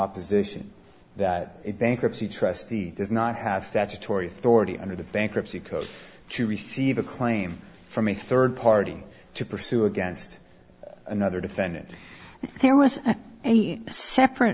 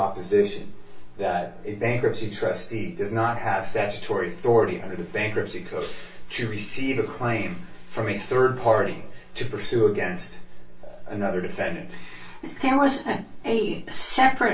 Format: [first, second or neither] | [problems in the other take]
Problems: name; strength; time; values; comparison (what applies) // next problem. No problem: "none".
first | room echo; dies away in 0.2 s